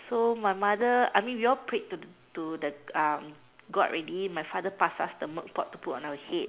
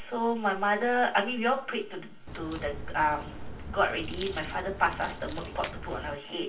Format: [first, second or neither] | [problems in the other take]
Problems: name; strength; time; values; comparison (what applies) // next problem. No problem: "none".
first | background sound (Crack); 11 dB below the speech // room echo; dies away in 0.2 s